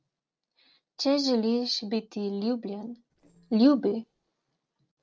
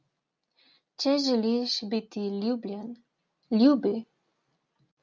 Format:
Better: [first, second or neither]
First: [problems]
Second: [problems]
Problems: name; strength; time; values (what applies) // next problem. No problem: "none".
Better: second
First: noise reduction (neural separator model SepFormer DNS4)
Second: none